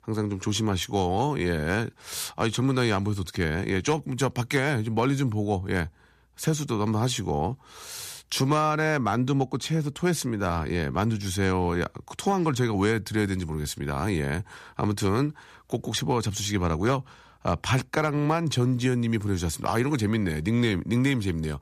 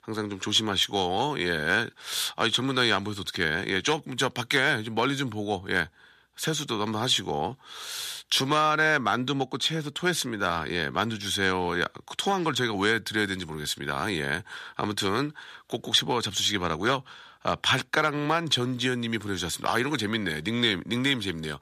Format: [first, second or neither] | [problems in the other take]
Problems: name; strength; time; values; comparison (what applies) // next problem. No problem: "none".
first | thin; somewhat; fading below 600 Hz